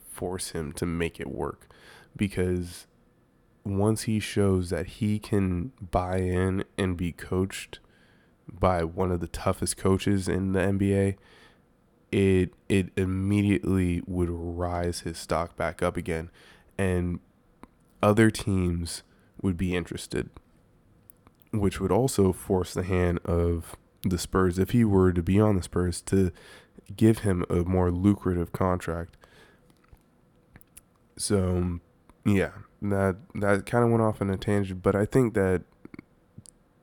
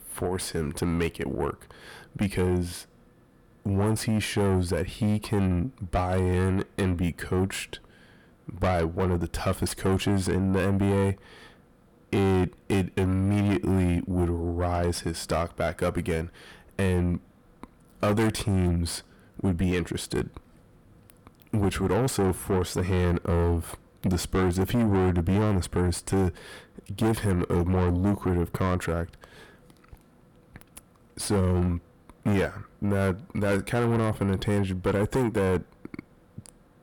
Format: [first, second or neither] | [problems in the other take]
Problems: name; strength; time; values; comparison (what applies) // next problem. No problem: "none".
first | distortion; heavy; 7 dB below the speech